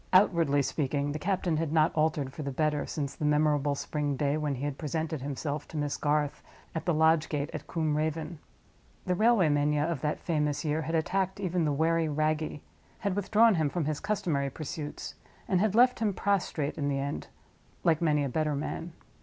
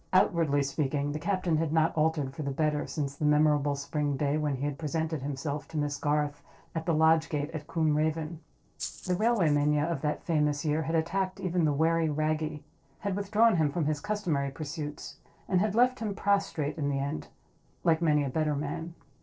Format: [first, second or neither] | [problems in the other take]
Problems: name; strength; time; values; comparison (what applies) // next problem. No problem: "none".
first | noise reduction (neural separator model SepFormer DNS4)